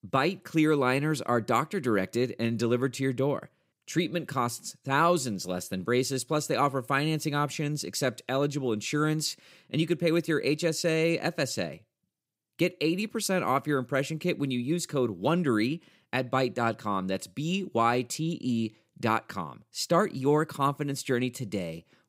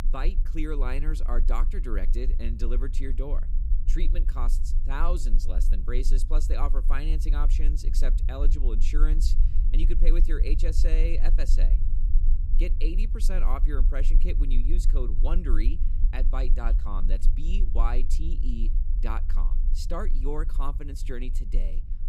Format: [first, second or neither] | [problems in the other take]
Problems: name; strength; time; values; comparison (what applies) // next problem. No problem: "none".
first | low rumble; noticeable; throughout; 10 dB below the speech